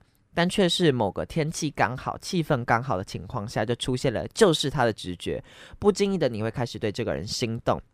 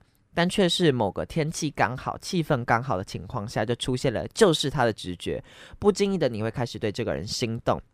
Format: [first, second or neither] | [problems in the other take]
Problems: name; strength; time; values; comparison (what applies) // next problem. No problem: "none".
neither | none